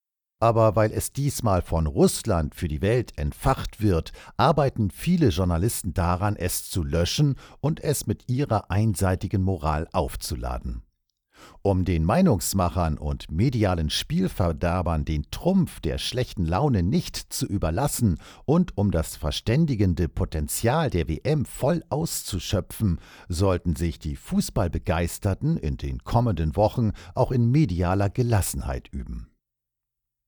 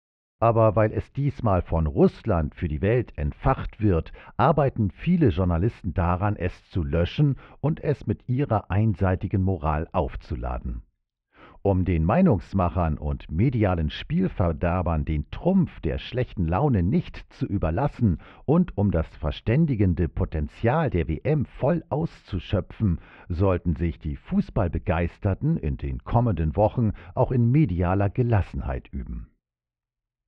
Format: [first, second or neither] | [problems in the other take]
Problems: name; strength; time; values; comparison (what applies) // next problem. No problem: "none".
first | muffled; very; fading above 2.5 kHz